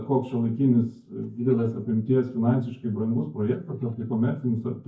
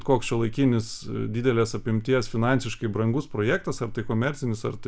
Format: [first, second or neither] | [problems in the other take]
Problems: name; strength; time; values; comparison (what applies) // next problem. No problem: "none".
second | noise reduction (neural mask model DeepFilterNet 3)